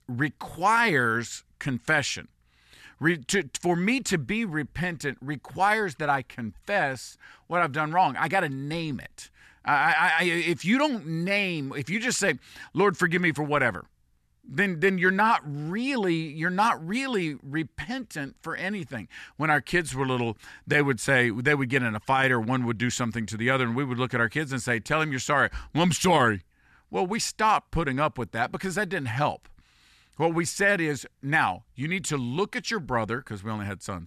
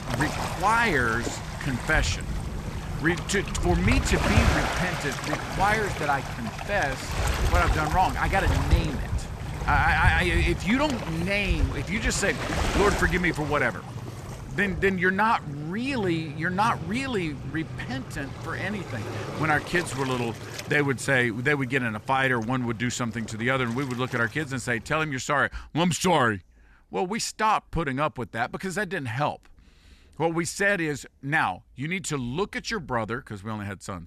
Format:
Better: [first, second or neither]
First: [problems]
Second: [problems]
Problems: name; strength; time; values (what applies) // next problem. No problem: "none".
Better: first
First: none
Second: rain or running water; loud; throughout; 4 dB below the speech